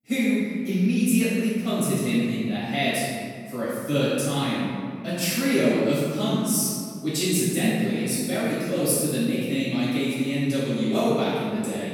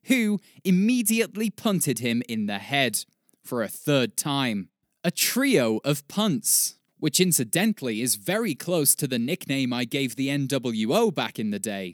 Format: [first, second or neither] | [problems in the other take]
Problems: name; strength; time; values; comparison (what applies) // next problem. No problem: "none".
second | off-mic speech; far // room echo; strong; dies away in 2 s